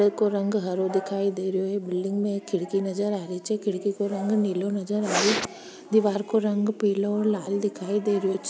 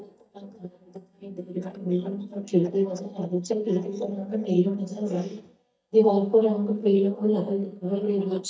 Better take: first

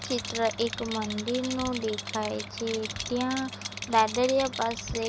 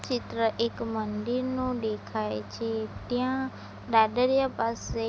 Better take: second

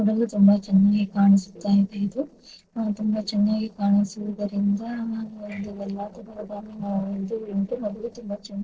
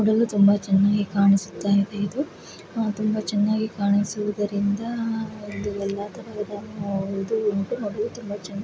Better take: second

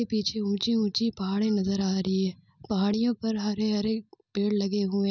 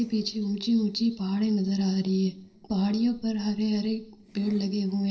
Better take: first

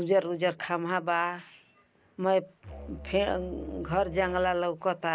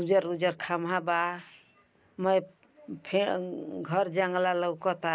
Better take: second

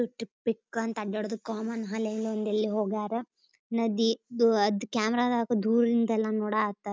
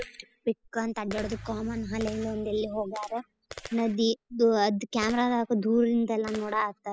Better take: first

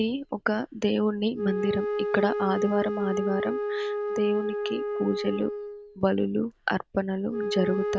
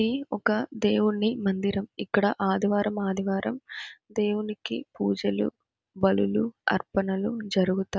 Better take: second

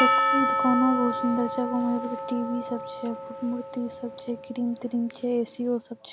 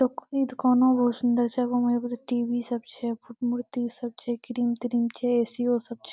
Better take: second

